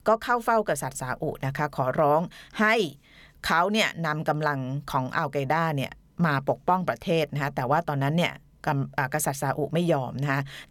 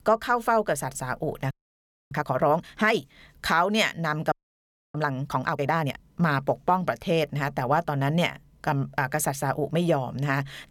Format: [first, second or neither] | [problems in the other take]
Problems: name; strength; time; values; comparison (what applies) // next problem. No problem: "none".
first | audio freezing; at 1.5 s for 0.5 s and at 4.5 s for 0.5 s